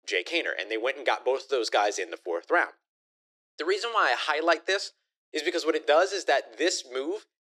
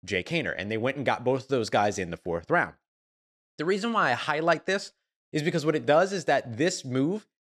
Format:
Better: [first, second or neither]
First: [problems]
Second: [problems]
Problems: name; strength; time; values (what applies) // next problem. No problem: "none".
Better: second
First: thin; very; fading below 350 Hz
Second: none